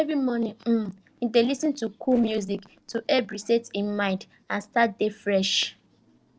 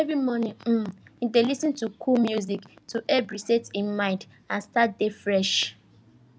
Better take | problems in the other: second | noise reduction (neural separator model SepFormer DNS4)

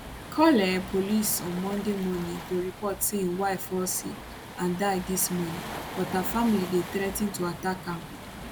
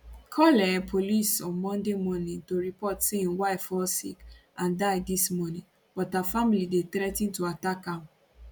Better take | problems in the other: second | background sound (Waves, surf); 11 dB below the speech

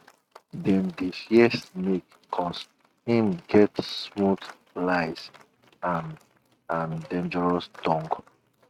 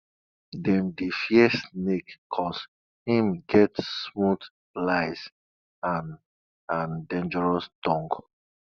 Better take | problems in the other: second | noise reduction (neural mask model RNNoise)

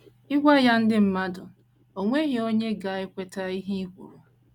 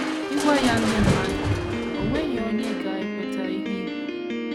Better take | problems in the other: first | background sound (Piano + Crushing); 2 dB above the speech

